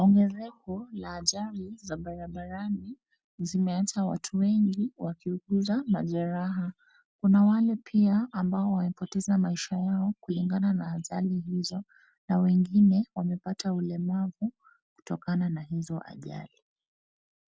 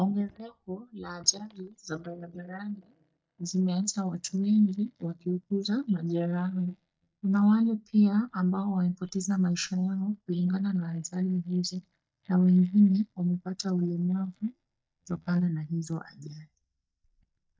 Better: first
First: none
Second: noise reduction (neural mask model DeepFilterNet 3)

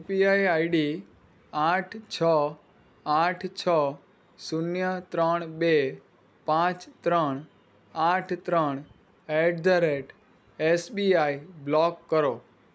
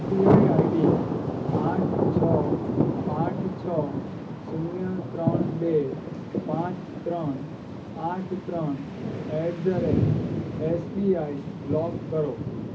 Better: first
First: none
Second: background sound (Thunder); 3 dB above the speech // room echo; dies away in 0.3 s

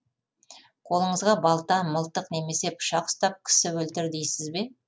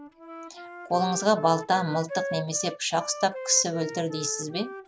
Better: first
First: none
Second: background sound (Wind instrument, woodwind instrument); 11 dB below the speech

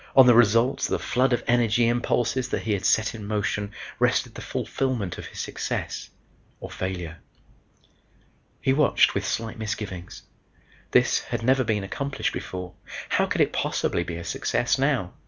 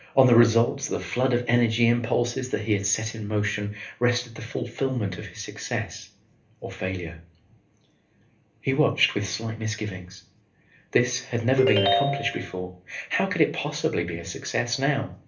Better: first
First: none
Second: background sound (Ringtone); 1 dB above the speech // room echo; dies away in 0.3 s

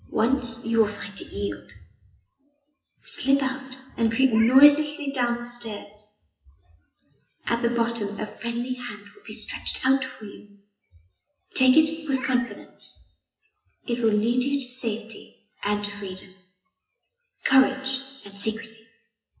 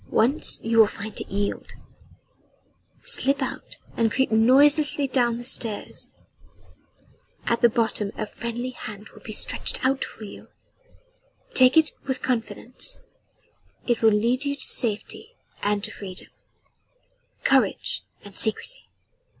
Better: second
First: noise reduction (classical method WPE with log-MMSE)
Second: none

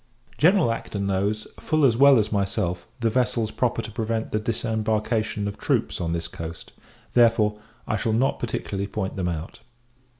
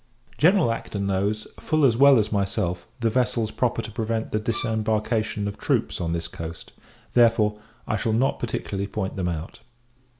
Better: first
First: none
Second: background sound (Bowed string instrument); 15 dB below the speech

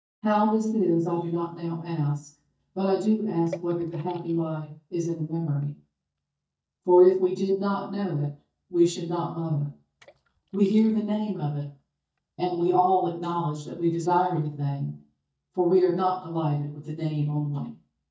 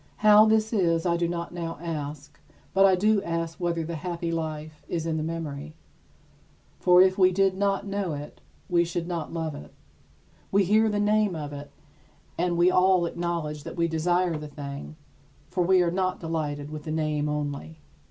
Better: second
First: noise reduction (neural mask model DeepFilterNet 3)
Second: none

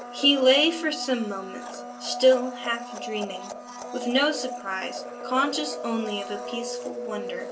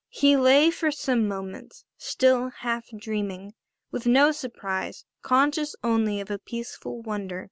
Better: second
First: background sound (Domestic sounds, home sounds); 9 dB below the speech // room echo; dies away in 0.2 s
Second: none

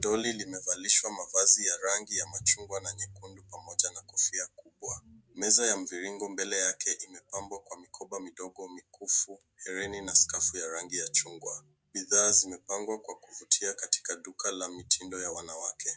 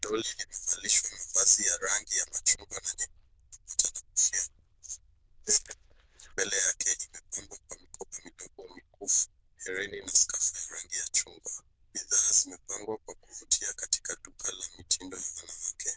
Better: first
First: none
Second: noise reduction (neural diffusion model UNIVERSE++)

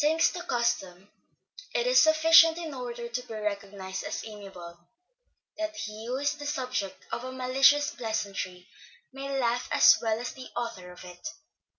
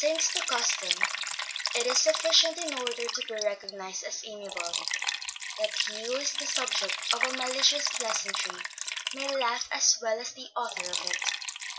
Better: first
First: none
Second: background sound (Liquid); 2 dB below the speech

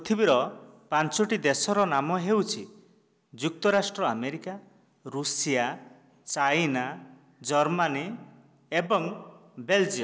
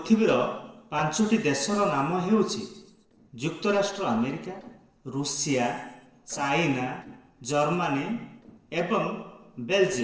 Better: first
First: none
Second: noise reduction (neural separator model SepFormer DNS4)

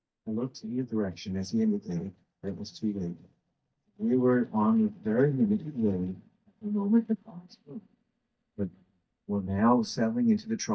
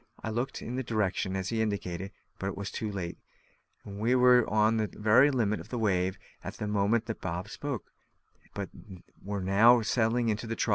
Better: second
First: noise reduction (neural mask model DeepFilterNet 3)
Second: none

